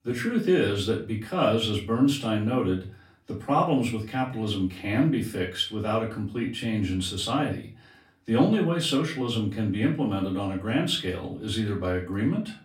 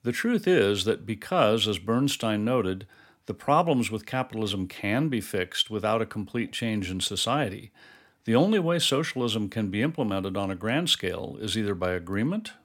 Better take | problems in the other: second | off-mic speech; far // room echo; slight; dies away in 0.3 s

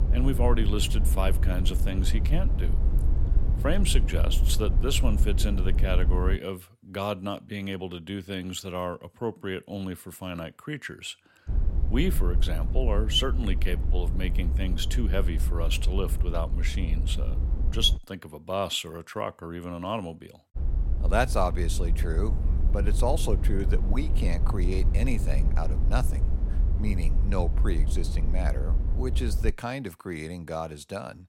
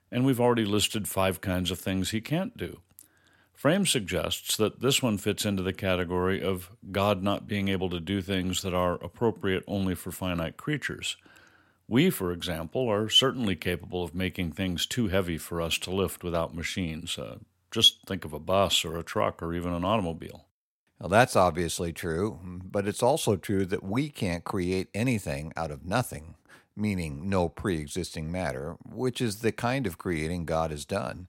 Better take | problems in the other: second | low rumble; noticeable; until 6.5 s, from 11 to 18 s and from 21 to 30 s; 10 dB below the speech

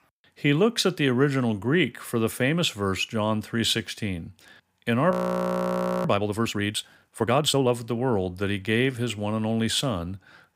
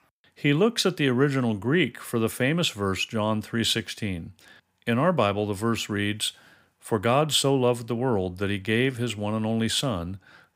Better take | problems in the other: second | audio freezing; at 5 s for 1 s

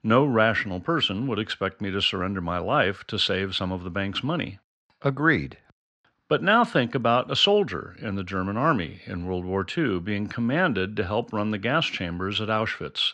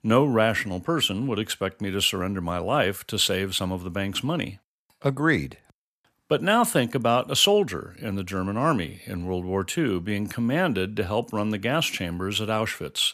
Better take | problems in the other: second | muffled; very slightly; fading above 5 kHz

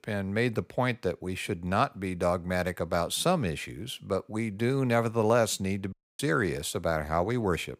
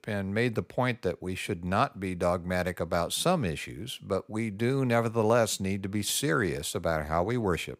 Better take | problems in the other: second | audio cutting out; at 6 s

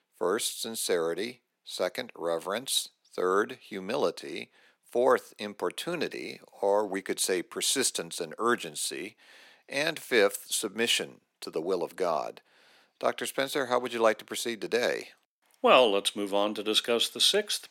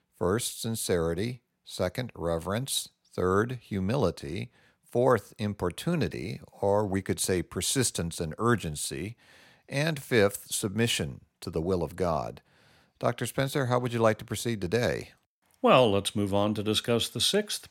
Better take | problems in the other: second | thin; somewhat; fading below 300 Hz

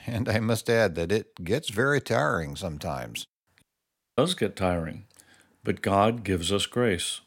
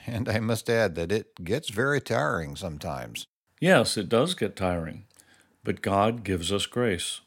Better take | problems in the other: second | audio cutting out; at 3.5 s for 0.5 s

